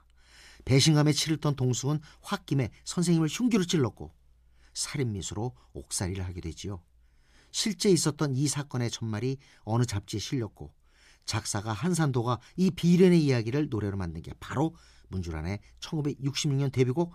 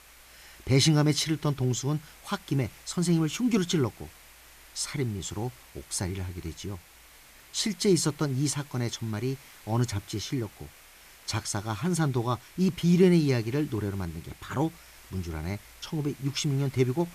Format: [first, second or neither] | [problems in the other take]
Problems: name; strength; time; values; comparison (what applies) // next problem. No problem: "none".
first | hiss; faint; throughout; 20 dB below the speech